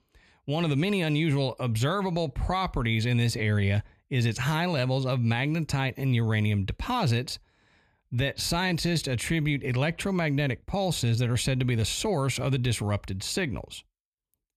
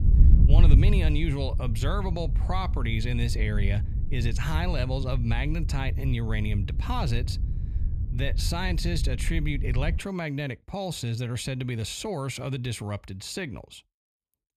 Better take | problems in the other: first | wind noise on the microphone; occasional gusts; until 10 s; 10 dB below the speech

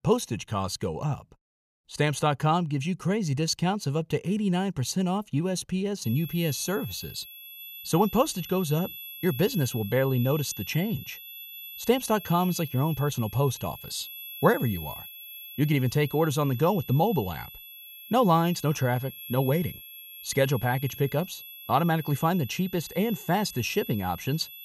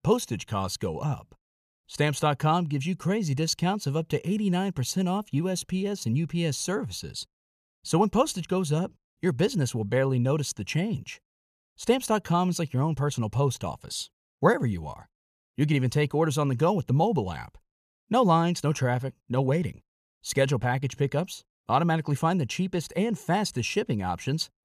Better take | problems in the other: second | high-pitched whine; noticeable; from 6 s on; 12 kHz, 15 dB below the speech

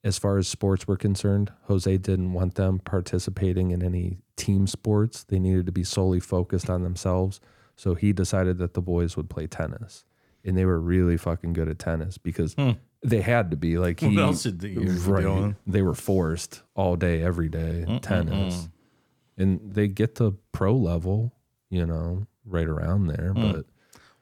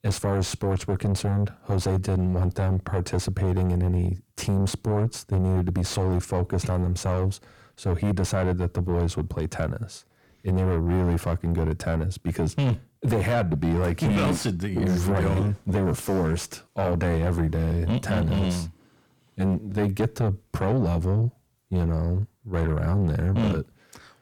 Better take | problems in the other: first | distortion; heavy; 7 dB below the speech

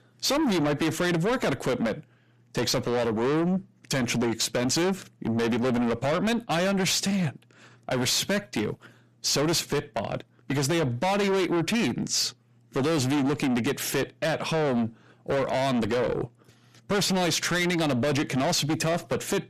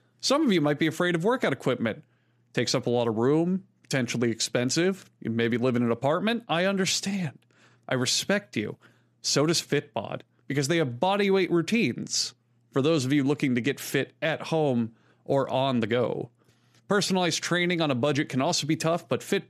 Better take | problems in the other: second | distortion; heavy; 6 dB below the speech

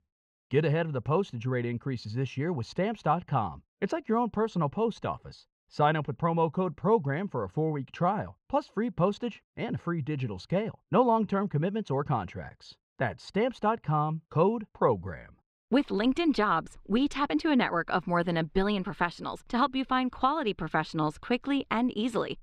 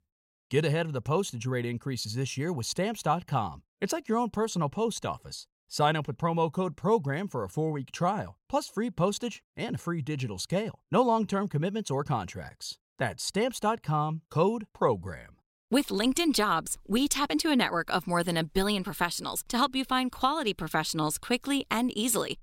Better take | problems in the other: second | muffled; slightly; fading above 2.5 kHz

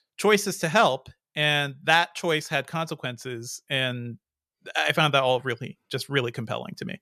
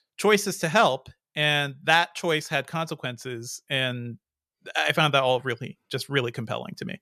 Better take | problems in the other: neither | none

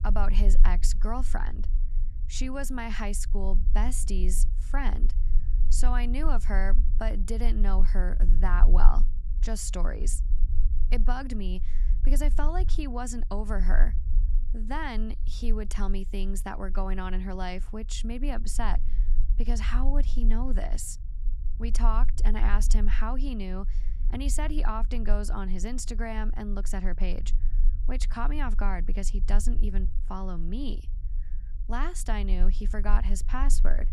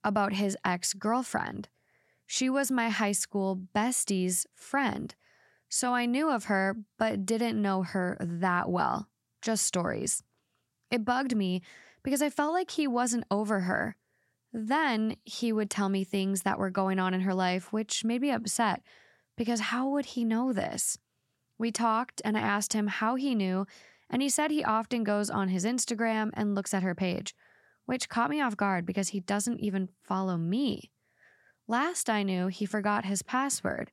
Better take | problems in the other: second | low rumble; noticeable; throughout; 20 dB below the speech

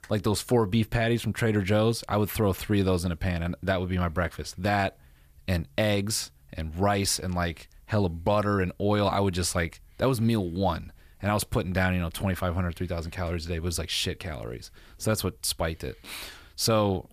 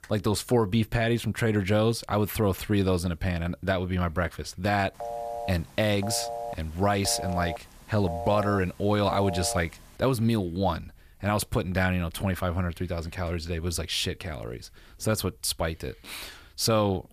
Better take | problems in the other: first | phone ringing; noticeable; from 5 to 10 s; peak 6 dB below the speech

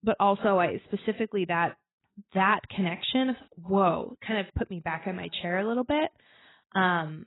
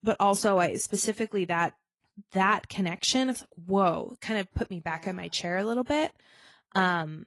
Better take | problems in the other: second | garbled, watery; badly; nothing above 4 kHz; slightly in the second

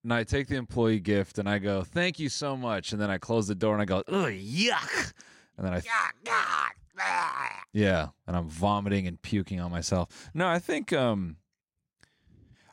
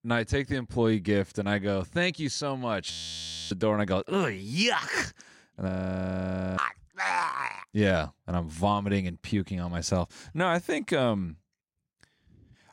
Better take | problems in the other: first | audio freezing; at 3 s for 0.5 s and at 5.5 s for 1 s

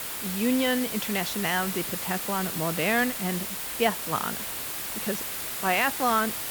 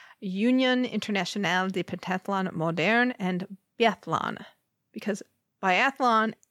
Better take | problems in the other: second | hiss; loud; throughout; 3 dB below the speech

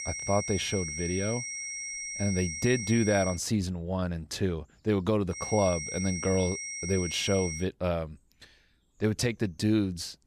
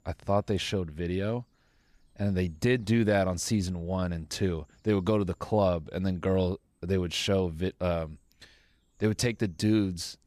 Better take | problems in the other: second | high-pitched whine; loud; until 3.5 s and from 5.5 to 7.5 s; 5.5 kHz, 5 dB below the speech

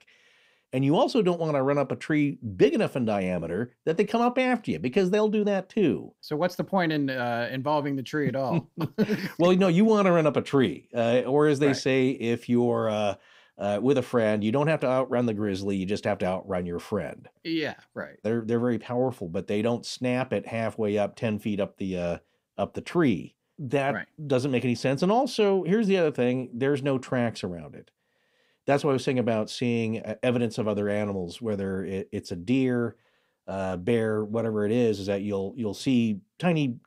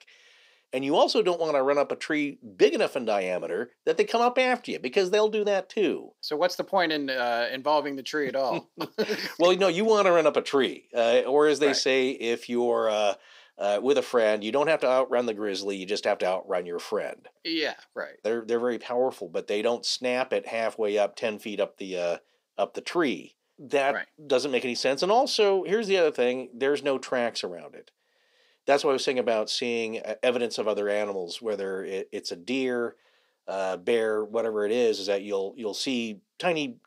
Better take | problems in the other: first | thin; somewhat; fading below 450 Hz

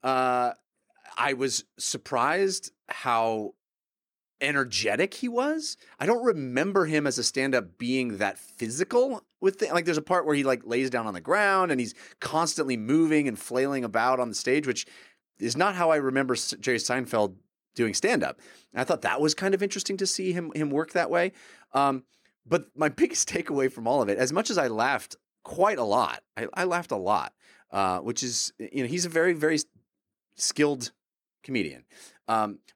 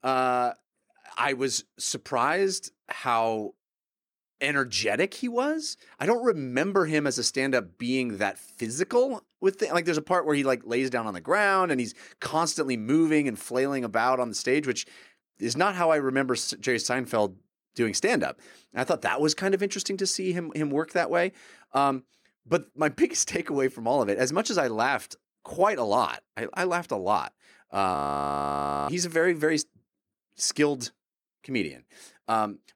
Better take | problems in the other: first | audio freezing; at 28 s for 1 s

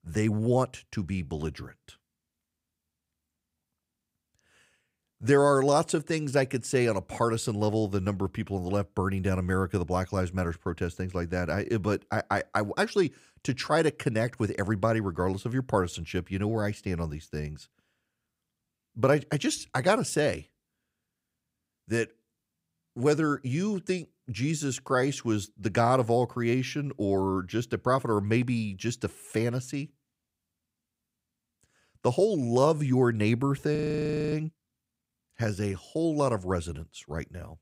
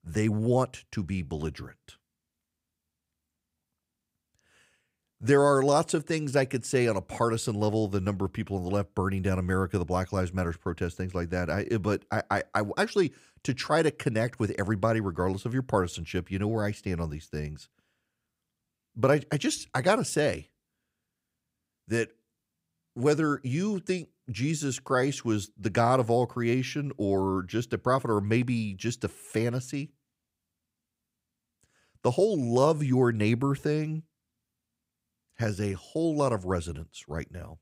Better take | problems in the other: second | audio freezing; at 34 s for 0.5 s

